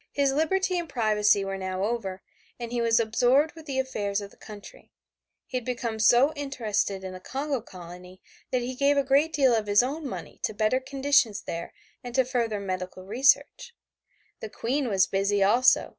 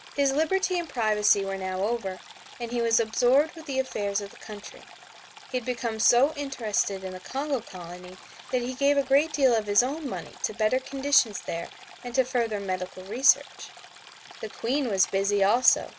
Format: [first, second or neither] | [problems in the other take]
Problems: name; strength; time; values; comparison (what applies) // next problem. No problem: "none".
first | background sound (Stream); 19 dB below the speech